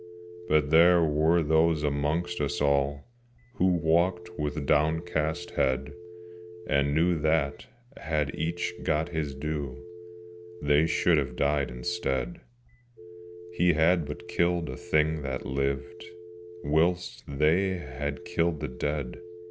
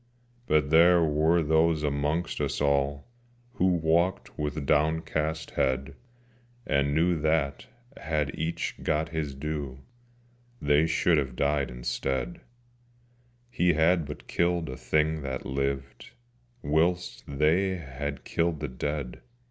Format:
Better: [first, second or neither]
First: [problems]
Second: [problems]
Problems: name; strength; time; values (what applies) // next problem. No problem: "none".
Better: second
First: background sound (Telephone); 16 dB below the speech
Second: none